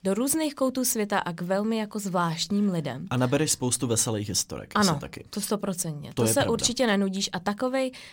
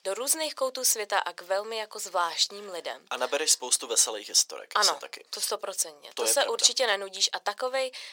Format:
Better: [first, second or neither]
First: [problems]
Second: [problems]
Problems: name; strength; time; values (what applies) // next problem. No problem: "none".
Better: first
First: none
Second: thin; very; fading below 500 Hz